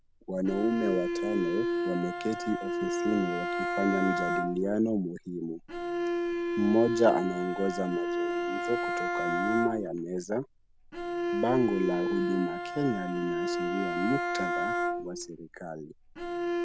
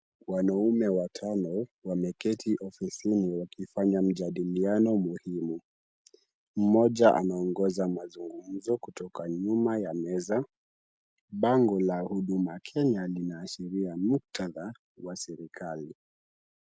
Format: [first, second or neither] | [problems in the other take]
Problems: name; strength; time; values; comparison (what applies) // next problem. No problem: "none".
second | background sound (Bowed string instrument); as loud as the speech